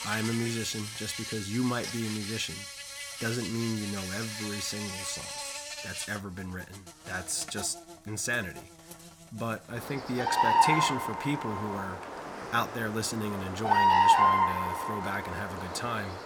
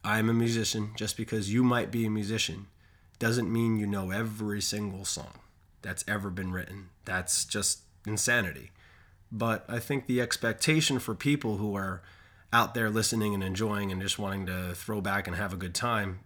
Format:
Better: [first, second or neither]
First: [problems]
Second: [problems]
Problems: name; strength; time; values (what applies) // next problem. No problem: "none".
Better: second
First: animal sounds; very loud; throughout; 3 dB above the speech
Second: none